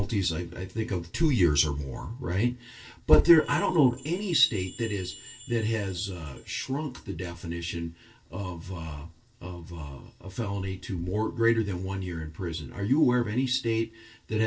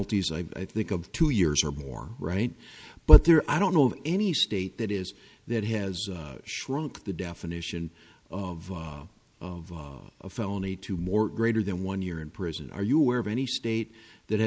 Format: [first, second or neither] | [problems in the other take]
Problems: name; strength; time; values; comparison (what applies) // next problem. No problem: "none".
second | noise reduction (neural separator model SepFormer DNS4)